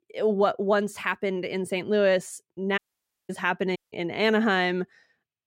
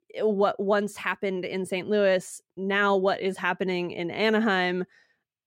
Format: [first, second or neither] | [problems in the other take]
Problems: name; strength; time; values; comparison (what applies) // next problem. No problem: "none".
second | audio cutting out; at 3 s for 0.5 s and at 4 s